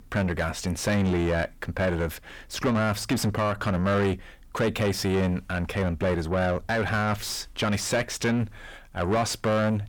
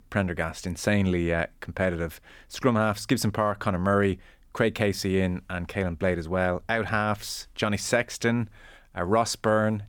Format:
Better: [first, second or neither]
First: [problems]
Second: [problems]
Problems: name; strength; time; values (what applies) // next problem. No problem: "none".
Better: second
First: distortion; heavy; 7 dB below the speech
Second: none